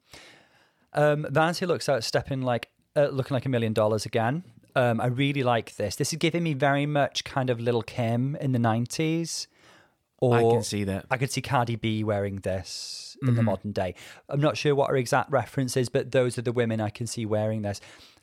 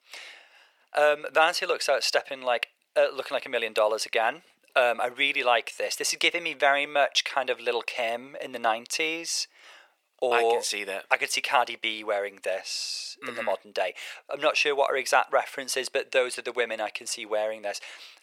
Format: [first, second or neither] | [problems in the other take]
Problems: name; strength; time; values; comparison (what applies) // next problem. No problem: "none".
first | thin; very; fading below 500 Hz